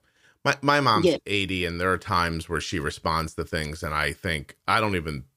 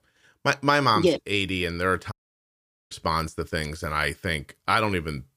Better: first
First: none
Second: audio cutting out; at 2 s for 1 s

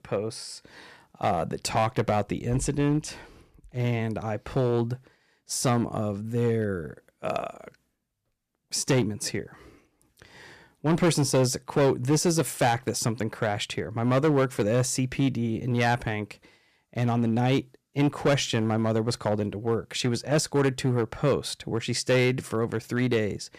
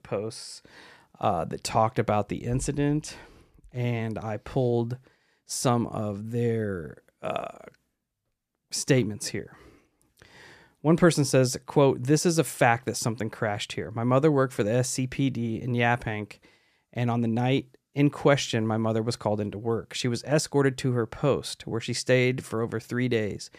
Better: second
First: distortion; slight; 4% of the sound clipped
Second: none

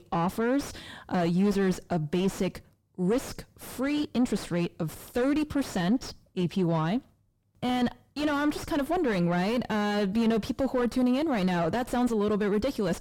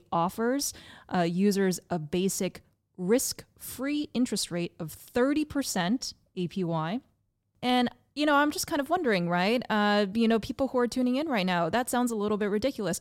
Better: second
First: distortion; heavy; 5 dB below the speech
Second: none

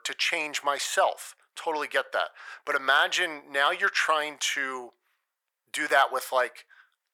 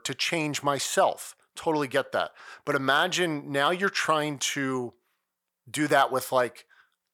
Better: second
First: thin; very; fading below 600 Hz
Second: none

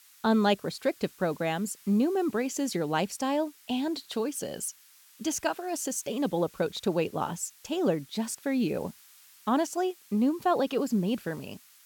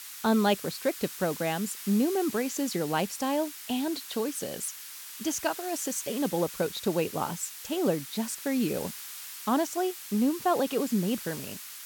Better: first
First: hiss; faint; throughout; 25 dB below the speech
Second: hiss; loud; throughout; 10 dB below the speech

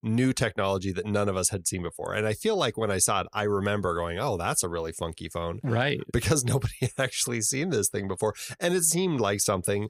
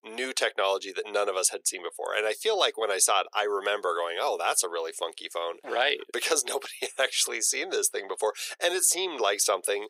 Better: first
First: none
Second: thin; very; fading below 400 Hz

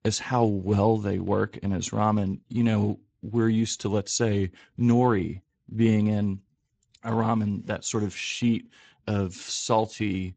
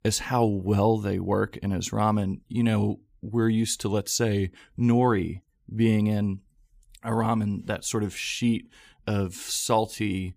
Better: second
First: garbled, watery; slightly; nothing above 7.5 kHz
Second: none

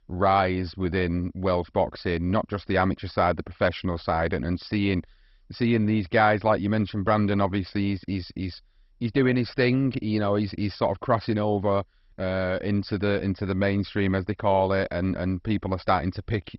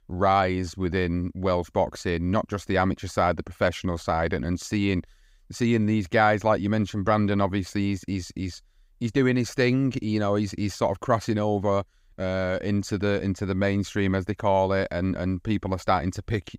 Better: second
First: garbled, watery; badly; nothing above 5 kHz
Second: none

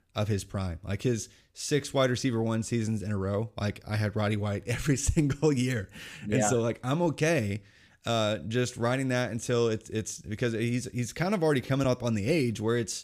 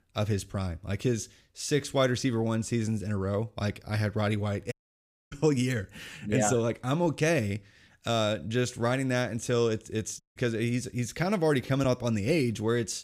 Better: first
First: none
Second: audio cutting out; at 4.5 s for 0.5 s and at 10 s

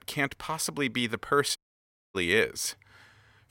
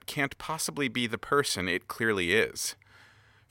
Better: second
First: audio cutting out; at 1.5 s for 0.5 s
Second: none

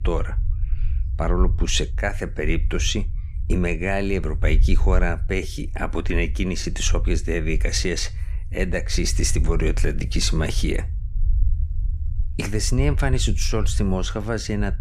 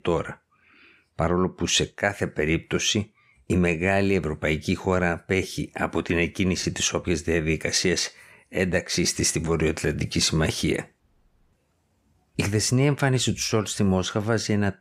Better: second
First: low rumble; noticeable; throughout; 20 dB below the speech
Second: none

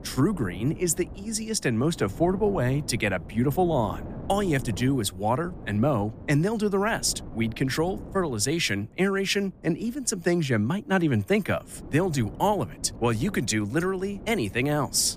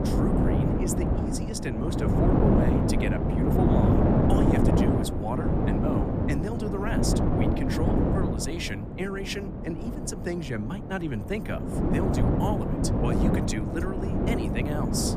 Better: first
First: wind noise on the microphone; occasional gusts; 20 dB below the speech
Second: wind noise on the microphone; heavy; 4 dB above the speech

